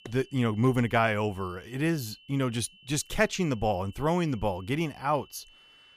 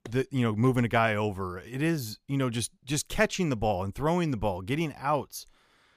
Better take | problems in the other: second | high-pitched whine; faint; throughout; 3 kHz, 25 dB below the speech

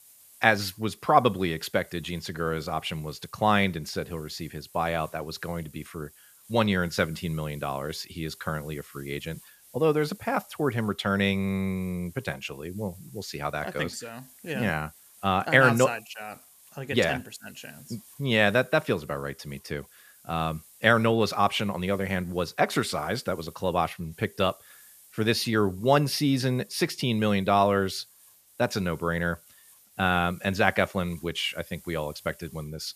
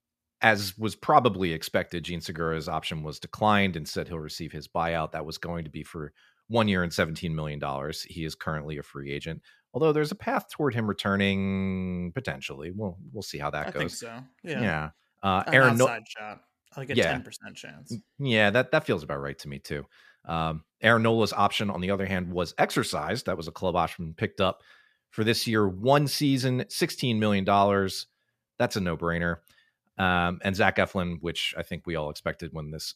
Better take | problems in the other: second | hiss; faint; throughout; 25 dB below the speech

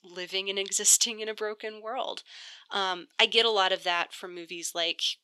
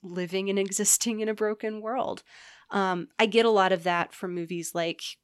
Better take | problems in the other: second | thin; somewhat; fading below 400 Hz

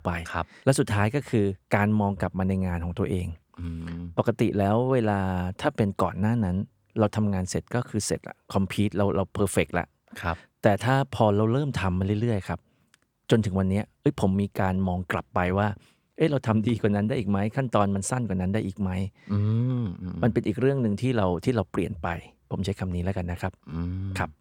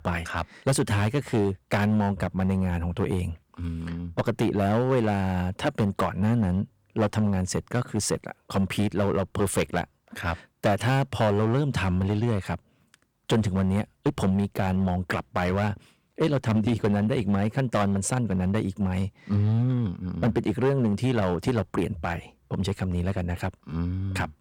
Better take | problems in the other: first | distortion; slight; 6% of the sound clipped

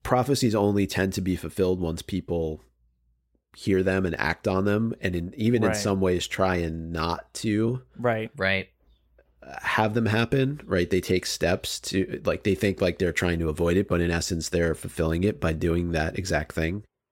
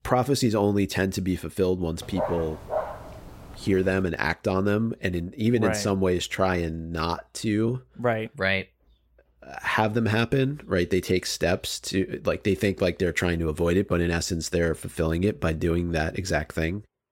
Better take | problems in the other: first | dog barking; noticeable; from 2 to 4 s; peak 5 dB below the speech

